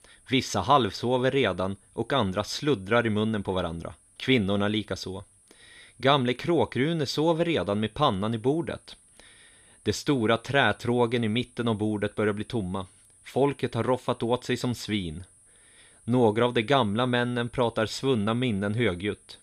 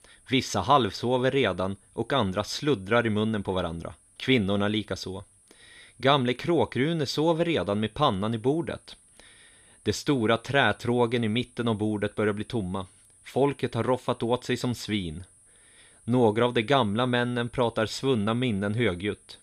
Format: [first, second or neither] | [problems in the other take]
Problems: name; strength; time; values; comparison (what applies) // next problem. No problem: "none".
neither | high-pitched whine; faint; throughout; 10 kHz, 30 dB below the speech; the same in both